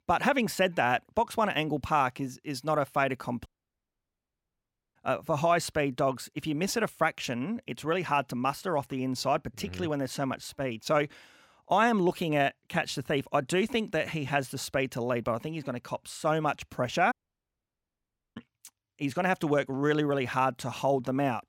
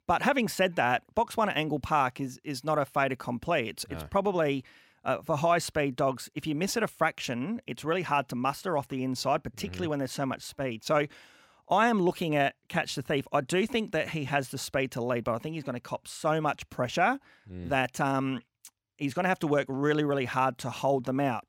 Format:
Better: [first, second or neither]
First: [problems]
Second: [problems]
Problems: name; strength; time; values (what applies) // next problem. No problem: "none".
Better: second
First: audio cutting out; at 3.5 s for 1.5 s and at 17 s for 1 s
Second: none